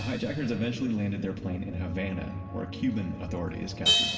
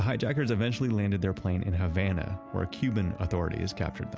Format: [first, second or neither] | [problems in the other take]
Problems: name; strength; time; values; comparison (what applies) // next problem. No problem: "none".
second | background sound (Crash cymbal); 3 dB below the speech // room echo; dies away in 2.1 s